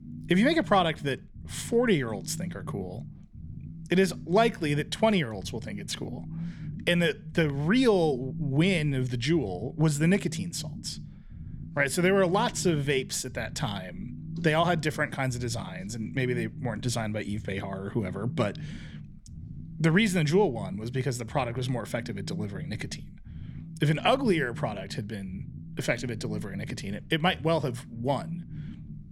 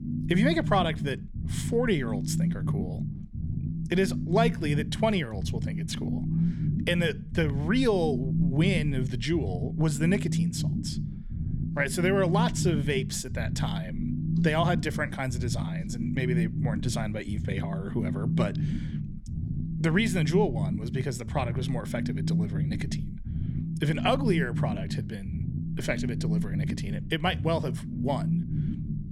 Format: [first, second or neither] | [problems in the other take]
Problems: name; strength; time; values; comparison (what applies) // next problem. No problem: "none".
first | low rumble; loud; throughout; 9 dB below the speech; faint in the first